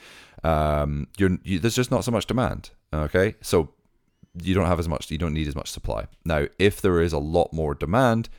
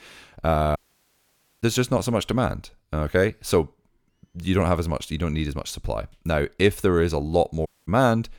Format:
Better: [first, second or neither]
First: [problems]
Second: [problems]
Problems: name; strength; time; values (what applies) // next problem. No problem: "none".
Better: first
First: none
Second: audio cutting out; at 1 s for 1 s and at 7.5 s